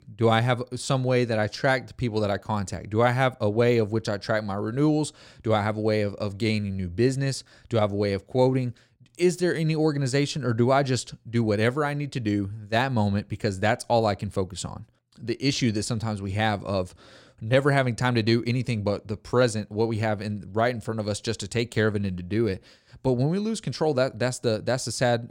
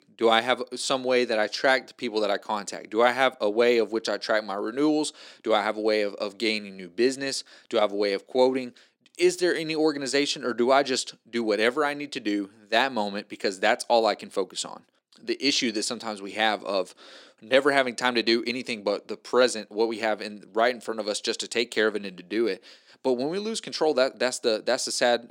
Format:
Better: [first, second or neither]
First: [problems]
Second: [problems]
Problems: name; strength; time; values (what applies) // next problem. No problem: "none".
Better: first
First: none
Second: thin; somewhat; fading below 250 Hz